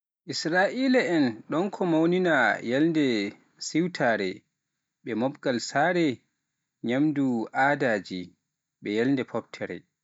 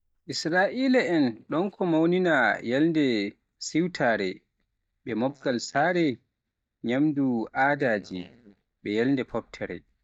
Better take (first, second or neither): first